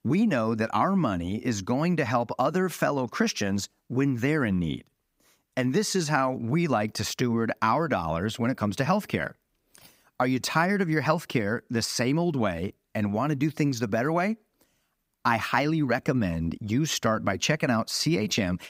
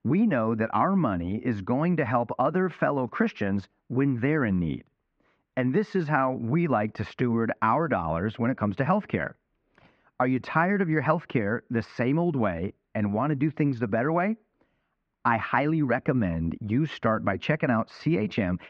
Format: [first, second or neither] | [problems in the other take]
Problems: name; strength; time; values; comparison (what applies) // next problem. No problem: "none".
first | muffled; very; fading above 2.5 kHz